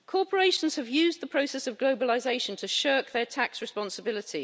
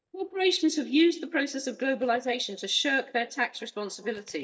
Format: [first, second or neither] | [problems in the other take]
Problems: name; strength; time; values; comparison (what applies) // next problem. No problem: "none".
first | noise reduction (neural mask model DeepFilterNet 3)